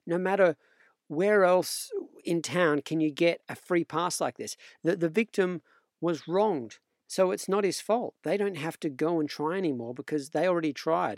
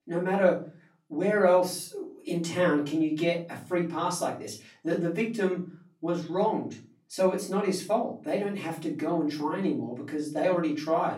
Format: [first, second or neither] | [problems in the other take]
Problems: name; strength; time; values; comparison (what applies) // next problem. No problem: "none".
first | off-mic speech; far // room echo; slight; dies away in 0.4 s